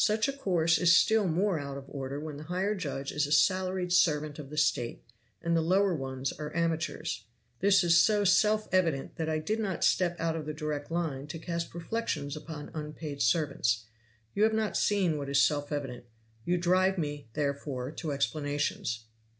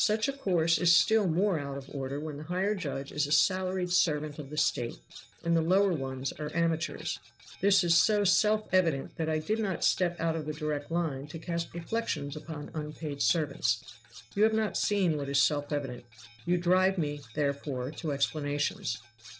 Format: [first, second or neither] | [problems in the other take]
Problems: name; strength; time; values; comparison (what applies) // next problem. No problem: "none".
first | noise reduction (neural separator model SepFormer DNS4)